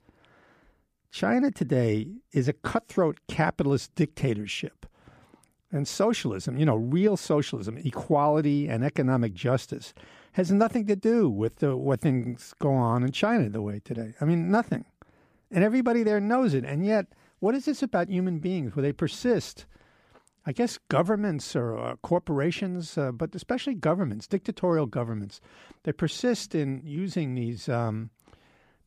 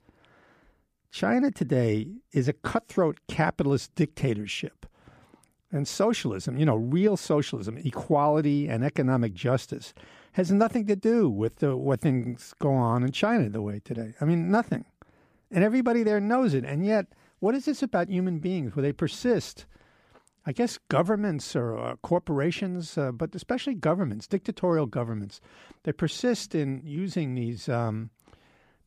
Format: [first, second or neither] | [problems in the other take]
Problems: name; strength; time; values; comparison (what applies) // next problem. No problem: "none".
neither | none